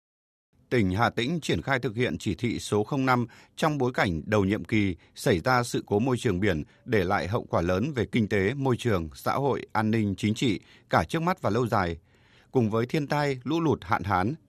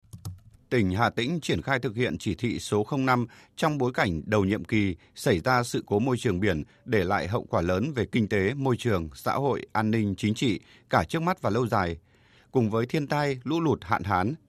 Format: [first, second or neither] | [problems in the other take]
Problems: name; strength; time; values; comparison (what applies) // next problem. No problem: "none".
first | keyboard typing; faint; at the start; peak 15 dB below the speech